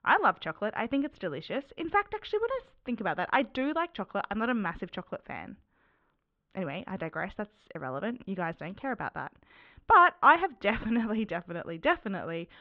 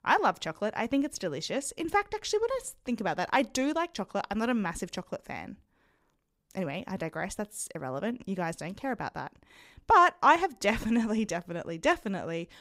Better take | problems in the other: second | muffled; very; fading above 3.5 kHz

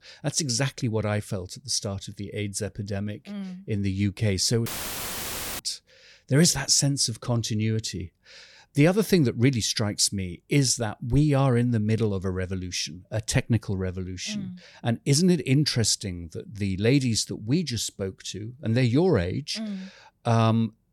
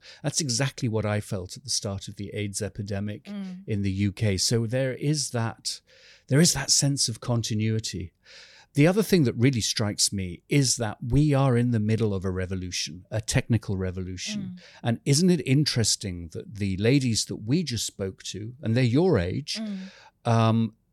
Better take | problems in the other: second | audio cutting out; filled with static; at 4.5 s for 1 s

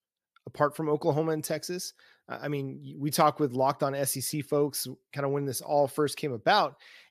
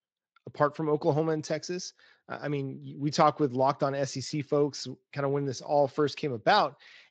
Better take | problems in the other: first | garbled, watery; slightly

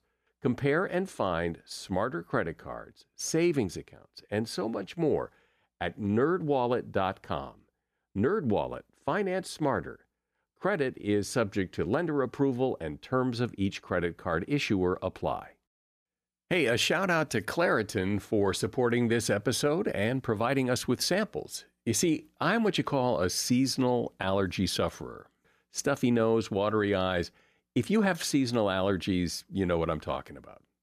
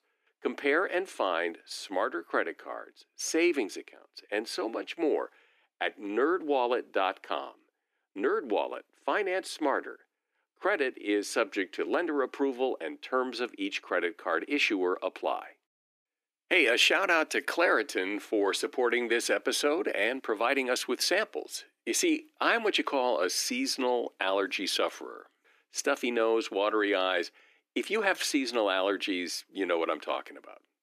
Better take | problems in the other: first | thin; somewhat; fading below 300 Hz

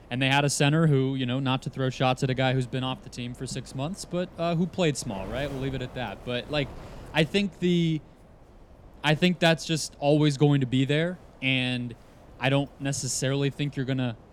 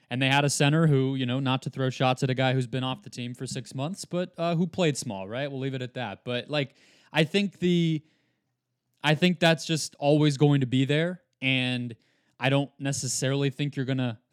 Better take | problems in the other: second | wind noise on the microphone; occasional gusts; 25 dB below the speech

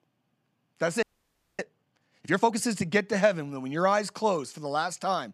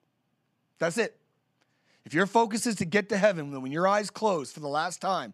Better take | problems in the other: second | audio freezing; at 1 s for 0.5 s

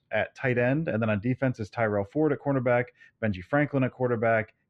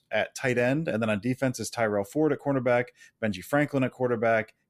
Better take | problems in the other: second | muffled; very; fading above 2 kHz

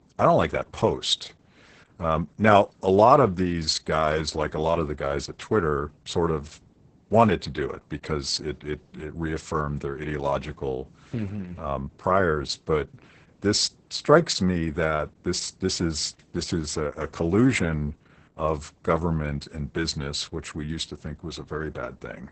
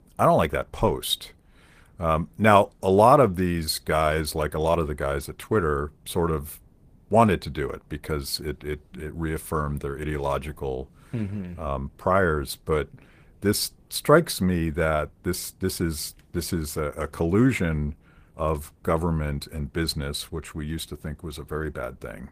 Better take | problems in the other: second | garbled, watery; badly; nothing above 8 kHz; slightly in the second

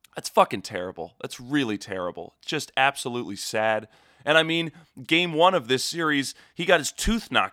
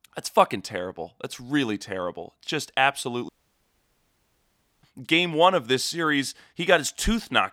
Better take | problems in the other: first | audio cutting out; at 3.5 s for 1.5 s

